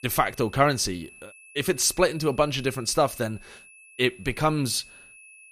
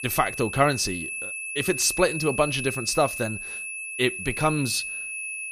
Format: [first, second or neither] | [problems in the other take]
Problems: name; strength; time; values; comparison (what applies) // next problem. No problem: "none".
first | high-pitched whine; loud; throughout; 2.5 kHz, 6 dB below the speech; faint in the first